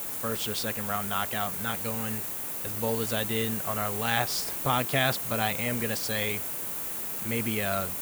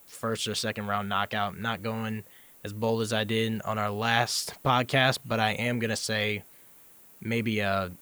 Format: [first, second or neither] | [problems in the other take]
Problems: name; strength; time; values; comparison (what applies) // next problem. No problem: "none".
second | hiss; loud; throughout; as loud as the speech; faint in the second